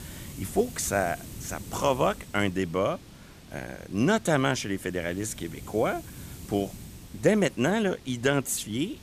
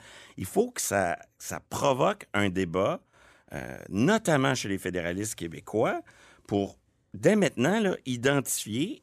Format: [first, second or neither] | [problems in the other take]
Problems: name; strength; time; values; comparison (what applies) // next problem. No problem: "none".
second | hiss; noticeable; throughout; 15 dB below the speech